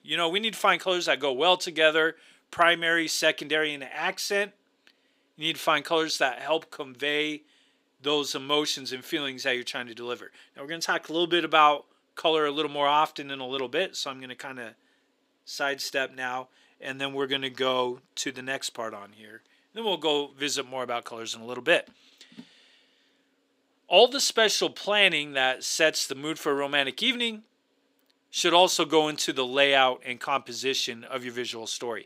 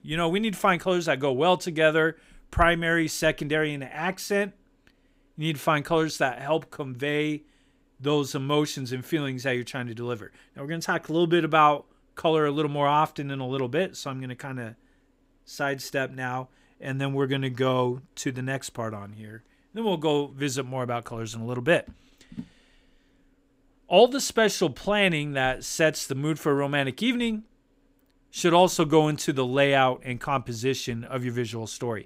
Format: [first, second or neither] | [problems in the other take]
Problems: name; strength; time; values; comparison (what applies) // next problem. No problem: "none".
second | thin; somewhat; fading below 350 Hz